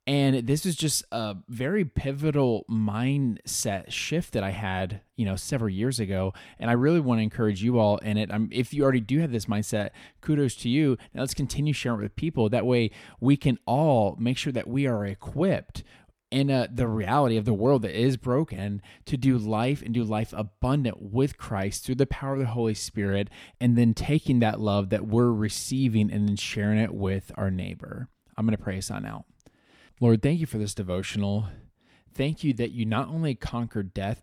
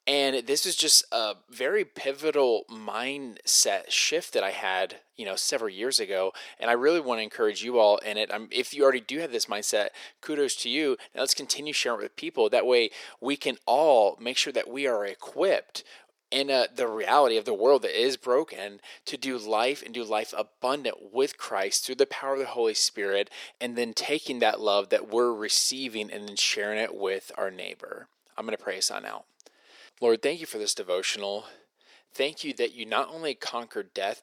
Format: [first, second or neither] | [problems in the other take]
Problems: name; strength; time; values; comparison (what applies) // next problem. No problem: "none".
first | thin; very; fading below 400 Hz